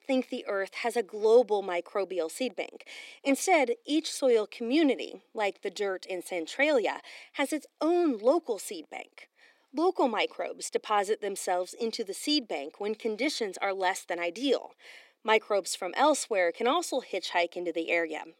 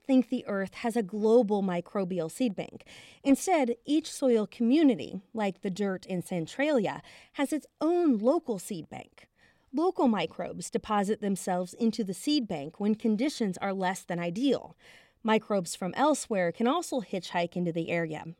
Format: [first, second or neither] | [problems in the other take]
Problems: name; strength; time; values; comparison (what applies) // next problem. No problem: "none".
second | thin; somewhat; fading below 300 Hz